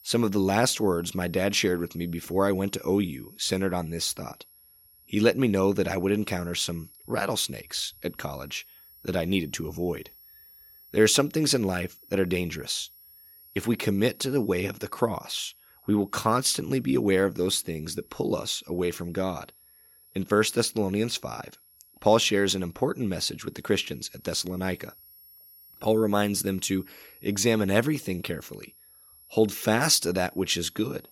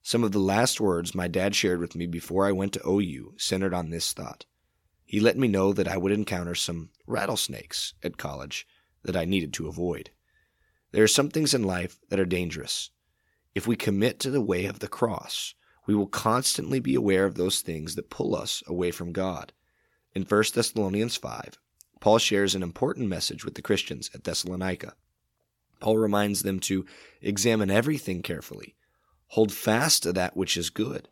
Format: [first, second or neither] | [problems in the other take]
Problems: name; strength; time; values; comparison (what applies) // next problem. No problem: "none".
second | high-pitched whine; faint; throughout; 11.5 kHz, 25 dB below the speech